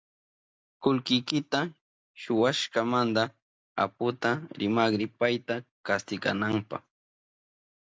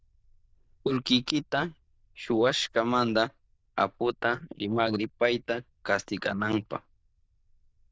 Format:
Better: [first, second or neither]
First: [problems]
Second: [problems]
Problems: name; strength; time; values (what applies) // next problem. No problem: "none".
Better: first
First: none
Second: noise reduction (neural diffusion model UNIVERSE++)